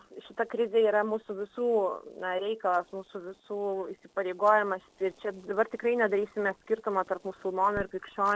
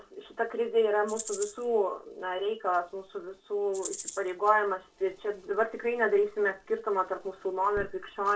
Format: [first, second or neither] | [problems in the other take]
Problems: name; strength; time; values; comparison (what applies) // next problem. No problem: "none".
first | background sound (Rattle (instrument)); 10 dB below the speech // room echo; dies away in 0.2 s